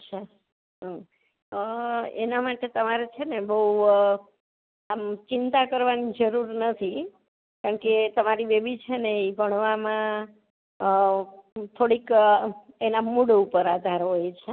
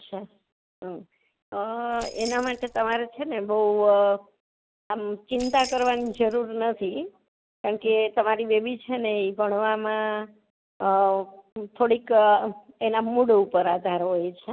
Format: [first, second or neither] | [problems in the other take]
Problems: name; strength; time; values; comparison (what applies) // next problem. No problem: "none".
first | background sound (Keys jangling); 17 dB below the speech